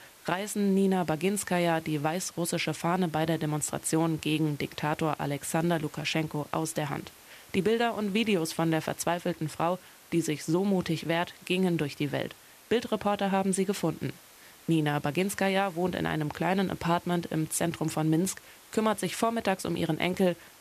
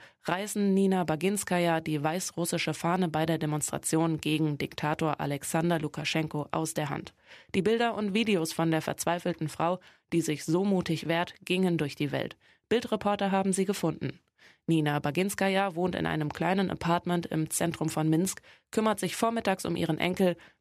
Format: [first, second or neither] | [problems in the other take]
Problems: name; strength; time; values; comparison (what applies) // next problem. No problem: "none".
second | hiss; faint; throughout; 20 dB below the speech